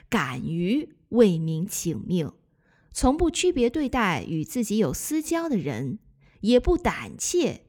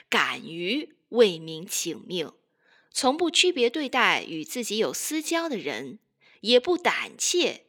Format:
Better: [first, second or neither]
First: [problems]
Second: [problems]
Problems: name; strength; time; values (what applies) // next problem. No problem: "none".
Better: first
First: none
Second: thin; somewhat; fading below 400 Hz